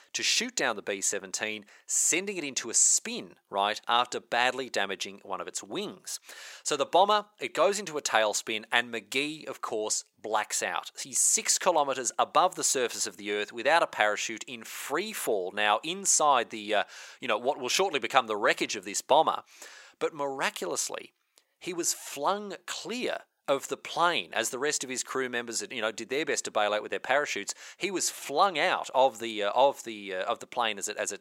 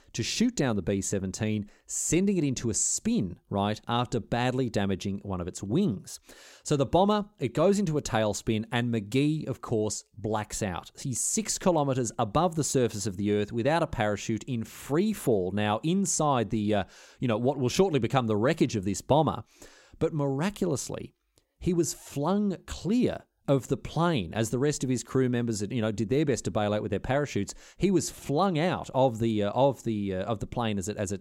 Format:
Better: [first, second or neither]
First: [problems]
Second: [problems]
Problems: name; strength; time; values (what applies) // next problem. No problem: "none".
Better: second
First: thin; very; fading below 700 Hz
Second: none